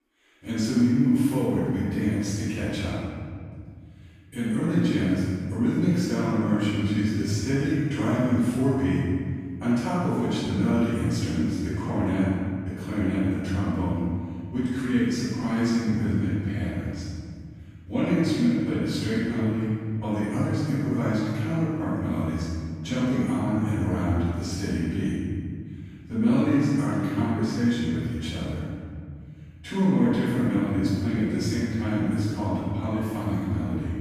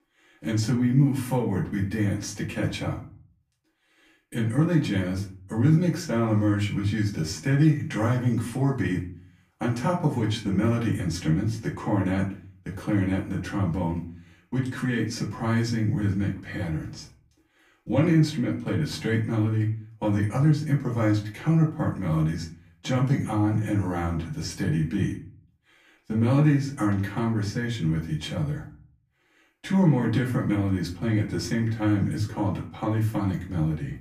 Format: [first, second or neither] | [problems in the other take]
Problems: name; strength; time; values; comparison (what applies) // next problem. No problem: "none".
second | room echo; strong; dies away in 2.1 s; slight in the second // off-mic speech; far; far in the second